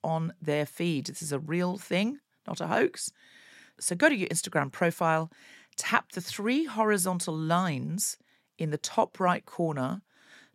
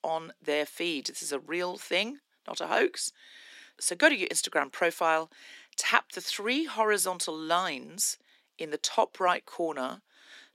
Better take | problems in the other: first | thin; somewhat; fading below 300 Hz

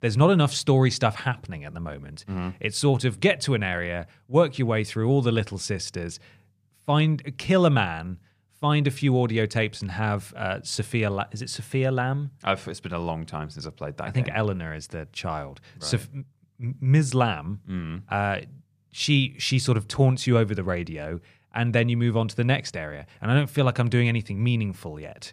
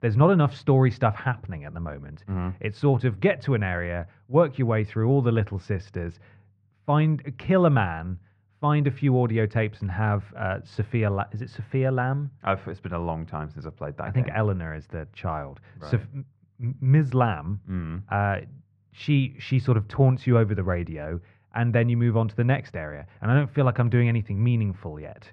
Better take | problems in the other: first | muffled; very; fading above 1.5 kHz

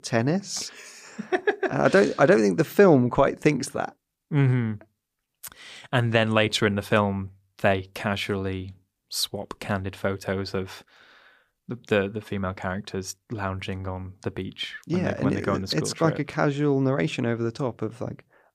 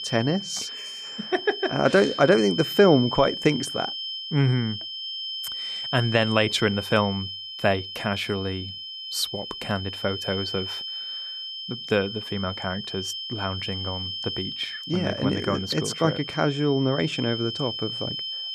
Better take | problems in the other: first | high-pitched whine; loud; throughout; 3 kHz, 6 dB below the speech

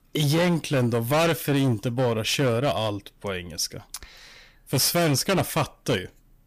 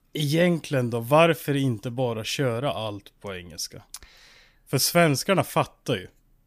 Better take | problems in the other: second | distortion; heavy; 14% of the sound clipped

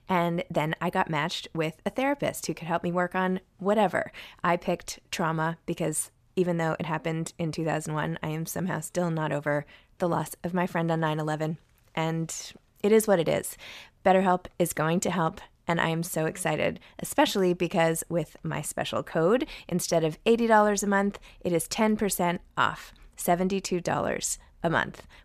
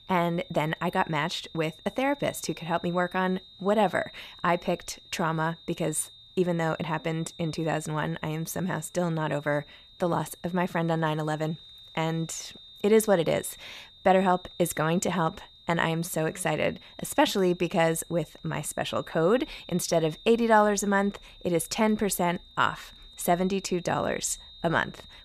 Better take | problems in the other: first | high-pitched whine; faint; throughout; 3.5 kHz, 20 dB below the speech

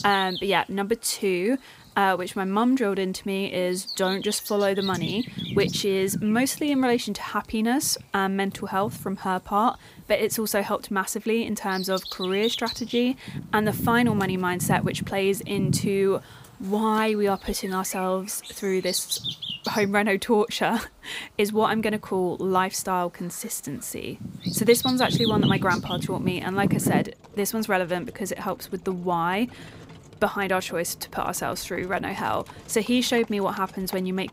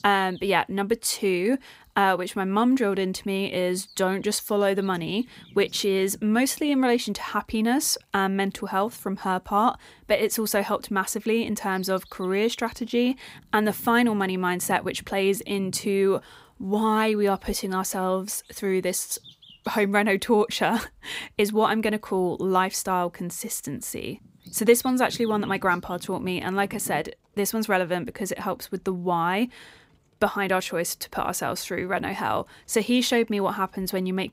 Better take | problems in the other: second | animal sounds; loud; throughout; 5 dB below the speech; faint in the second

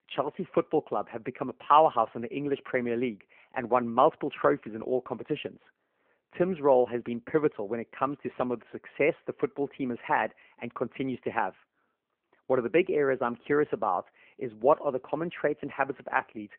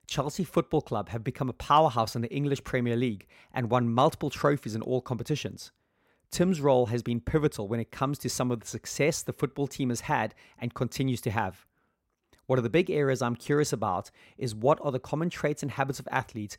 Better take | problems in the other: second | phone-call audio

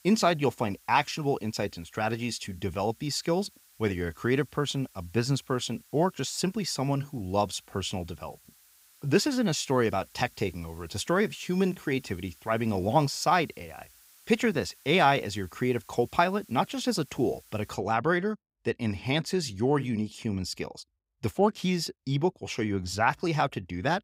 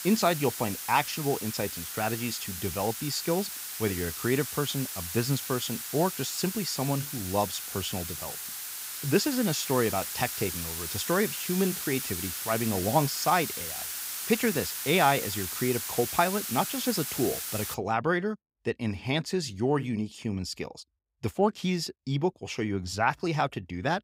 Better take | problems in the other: first | hiss; loud; until 18 s; 4 dB below the speech; faint in the first

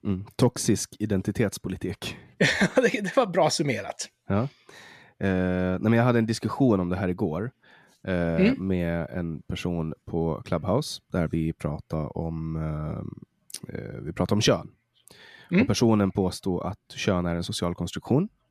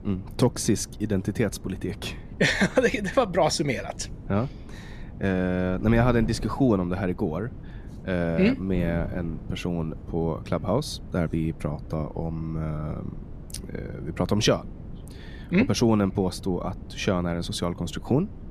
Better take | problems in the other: first | wind noise on the microphone; occasional gusts; 20 dB below the speech

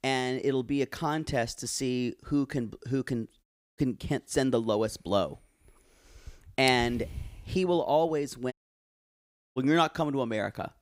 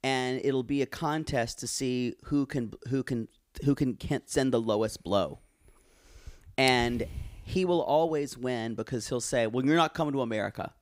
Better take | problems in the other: second | audio cutting out; at 3.5 s and at 8.5 s for 1 s

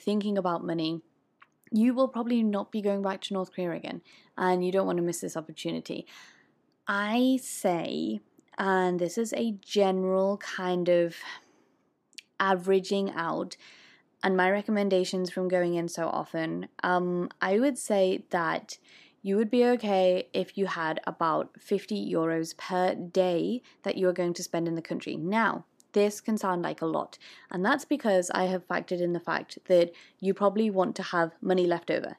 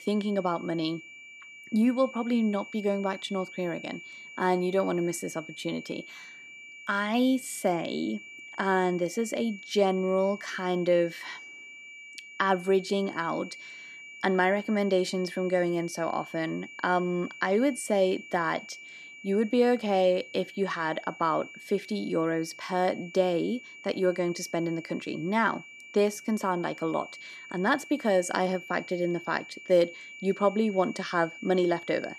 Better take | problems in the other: first | high-pitched whine; noticeable; throughout; 2.5 kHz, 15 dB below the speech

